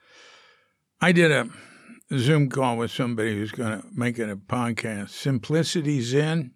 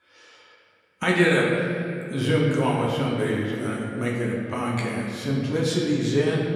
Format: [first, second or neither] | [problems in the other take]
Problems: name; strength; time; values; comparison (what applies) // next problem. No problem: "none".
first | room echo; noticeable; dies away in 2.1 s // off-mic speech; far